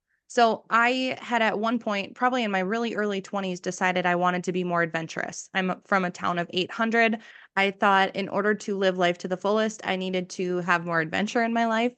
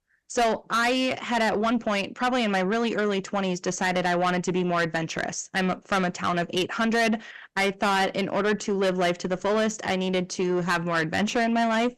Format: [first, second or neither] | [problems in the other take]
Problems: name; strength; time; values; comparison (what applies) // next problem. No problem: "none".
first | distortion; heavy; 7 dB below the speech